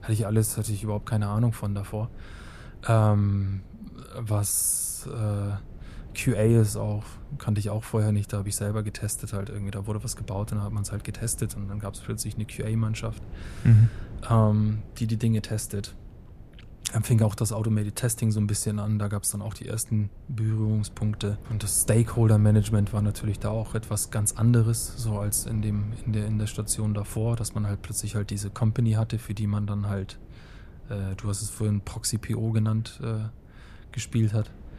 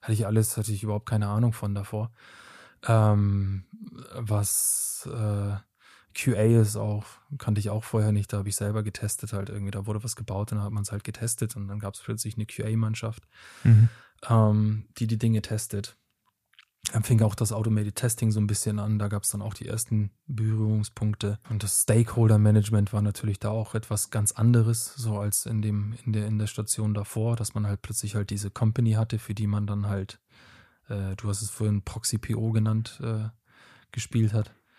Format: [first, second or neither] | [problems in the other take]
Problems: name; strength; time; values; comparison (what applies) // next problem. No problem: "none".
second | wind noise on the microphone; occasional gusts; 20 dB below the speech